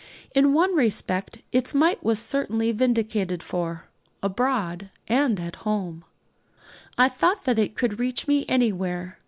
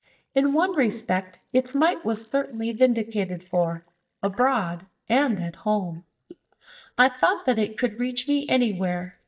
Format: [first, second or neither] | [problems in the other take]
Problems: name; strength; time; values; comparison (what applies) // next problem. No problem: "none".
first | noise reduction (neural mask model DeepFilterNet 3)